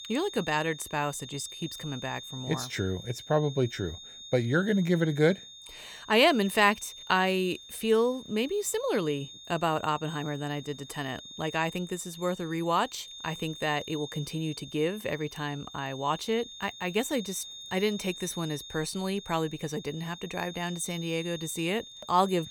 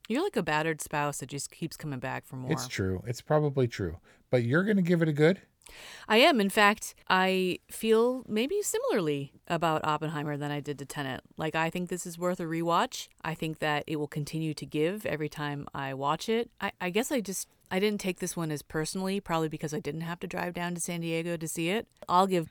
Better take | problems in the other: second | high-pitched whine; noticeable; throughout; 3.5 kHz, 15 dB below the speech

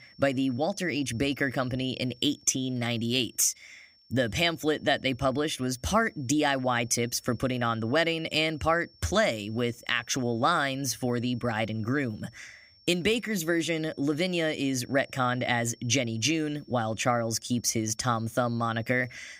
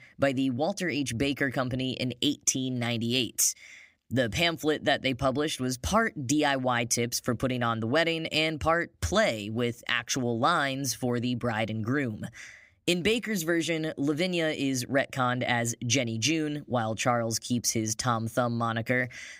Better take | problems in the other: second | high-pitched whine; faint; throughout; 5.5 kHz, 30 dB below the speech

